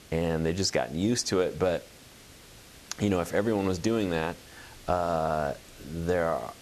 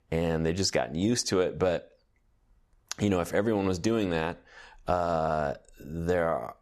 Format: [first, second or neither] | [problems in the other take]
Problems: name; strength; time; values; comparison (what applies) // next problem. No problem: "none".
second | hiss; faint; throughout; 20 dB below the speech